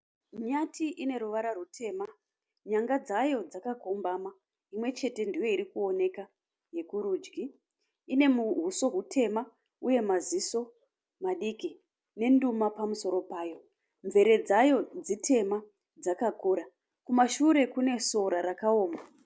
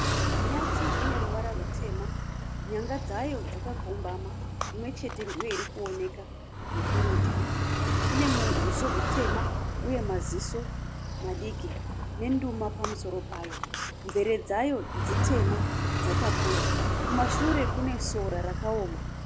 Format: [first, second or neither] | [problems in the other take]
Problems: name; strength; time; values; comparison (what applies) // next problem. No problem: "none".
first | background sound (Car); 5 dB above the speech